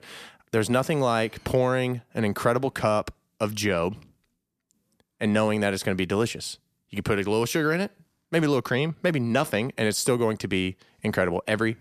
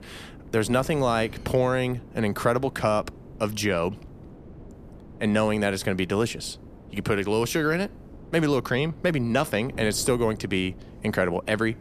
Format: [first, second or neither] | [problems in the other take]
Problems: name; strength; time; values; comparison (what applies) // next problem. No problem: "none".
first | wind noise on the microphone; occasional gusts; 25 dB below the speech